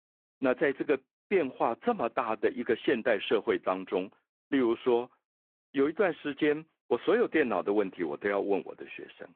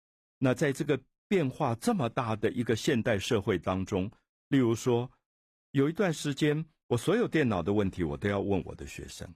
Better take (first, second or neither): second